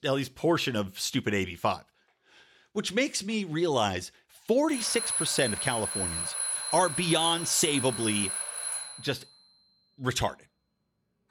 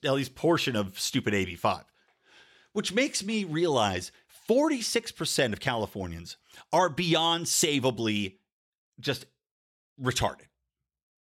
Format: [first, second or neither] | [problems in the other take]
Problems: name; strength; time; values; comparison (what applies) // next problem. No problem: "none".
second | alarm; loud; from 4.5 to 9 s; peak 1 dB above the speech